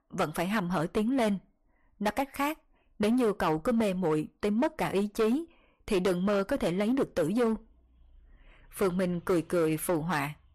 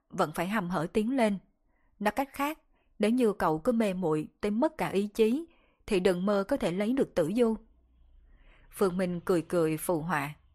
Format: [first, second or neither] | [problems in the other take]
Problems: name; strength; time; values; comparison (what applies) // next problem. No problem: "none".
second | distortion; slight; 9% of the sound clipped